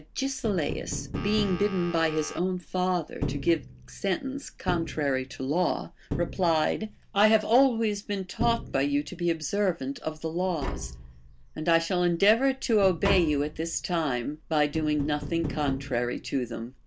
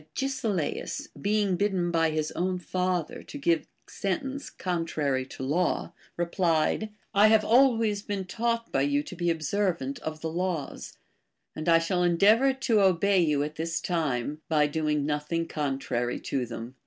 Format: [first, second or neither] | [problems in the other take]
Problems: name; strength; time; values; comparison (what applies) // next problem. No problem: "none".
second | background sound (Telephone + Tap); 10 dB below the speech